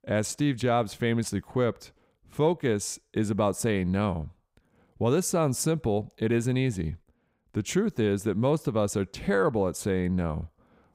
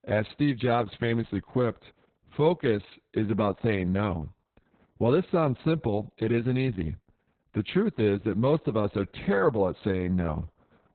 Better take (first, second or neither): first